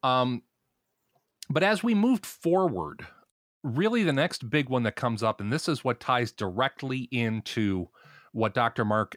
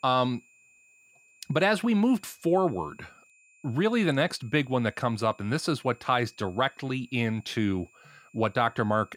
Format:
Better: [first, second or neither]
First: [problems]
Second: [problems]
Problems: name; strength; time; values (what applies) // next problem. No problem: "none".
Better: first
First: none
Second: high-pitched whine; faint; throughout; 2.5 kHz, 30 dB below the speech